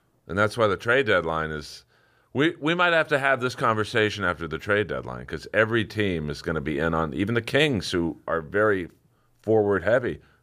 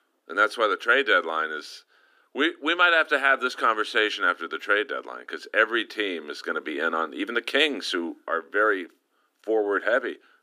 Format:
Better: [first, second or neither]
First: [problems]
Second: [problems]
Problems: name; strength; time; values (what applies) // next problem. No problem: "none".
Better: first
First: none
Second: thin; somewhat; fading below 250 Hz